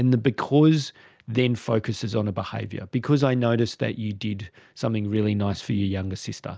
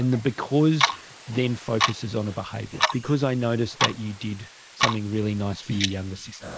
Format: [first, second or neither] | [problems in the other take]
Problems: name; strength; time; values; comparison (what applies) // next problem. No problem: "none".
first | noise reduction (neural mask model Resemble Enhance denoiser)